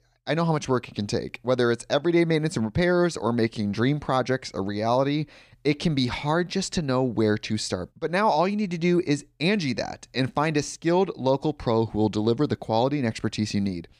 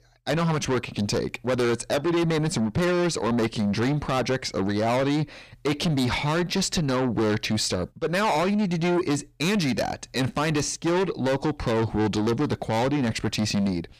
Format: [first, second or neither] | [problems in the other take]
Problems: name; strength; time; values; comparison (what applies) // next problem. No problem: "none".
first | distortion; heavy; 6 dB below the speech